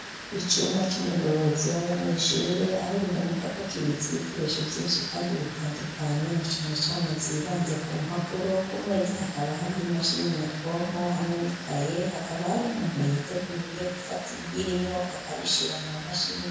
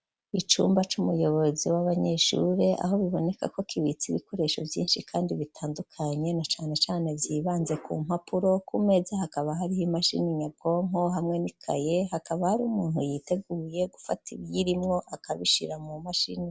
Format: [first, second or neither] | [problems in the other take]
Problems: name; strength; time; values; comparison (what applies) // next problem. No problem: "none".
second | background sound (Water); 11 dB below the speech // room echo; dies away in 1 s